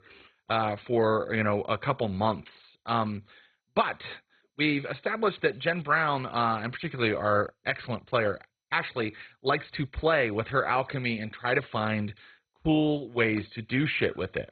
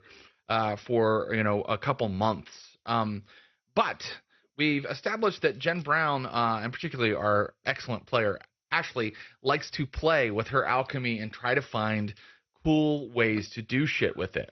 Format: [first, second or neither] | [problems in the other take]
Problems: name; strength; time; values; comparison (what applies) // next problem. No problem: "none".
second | garbled, watery; badly; nothing above 4 kHz; slightly in the second